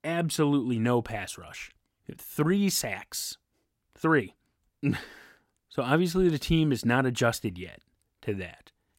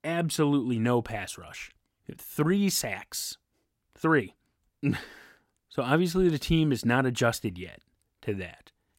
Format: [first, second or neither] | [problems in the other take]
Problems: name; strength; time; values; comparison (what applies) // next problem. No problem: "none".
neither | none